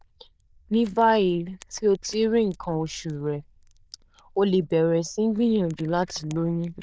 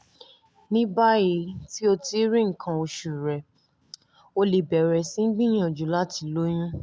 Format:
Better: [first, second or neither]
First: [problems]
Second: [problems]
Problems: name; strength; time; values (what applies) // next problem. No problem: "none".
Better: second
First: noise reduction (neural diffusion model UNIVERSE++)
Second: none